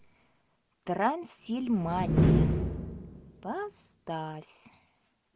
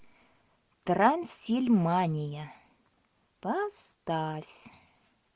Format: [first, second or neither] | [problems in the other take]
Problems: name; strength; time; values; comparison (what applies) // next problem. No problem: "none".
second | background sound (Slam); 3 dB above the speech